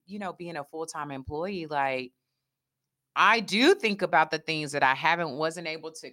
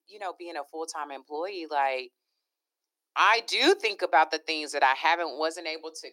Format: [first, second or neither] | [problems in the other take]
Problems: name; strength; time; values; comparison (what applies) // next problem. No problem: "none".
first | thin; somewhat; fading below 300 Hz